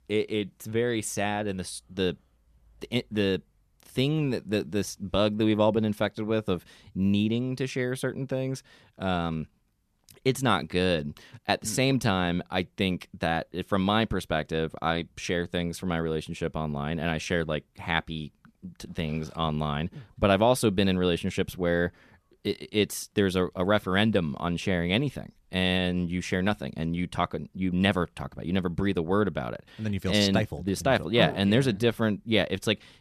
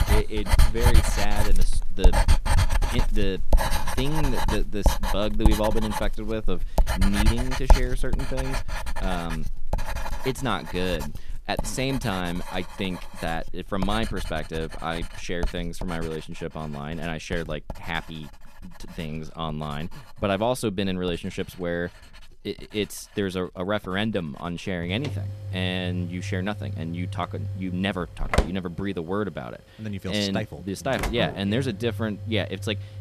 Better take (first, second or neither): first